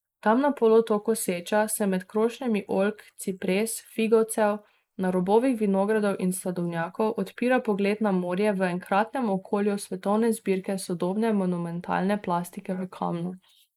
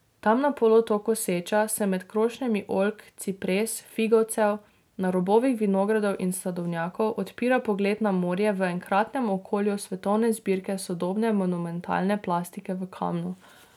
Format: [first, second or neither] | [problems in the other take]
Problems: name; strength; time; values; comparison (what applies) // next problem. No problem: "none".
second | noise reduction (neural mask model Resemble Enhance denoiser)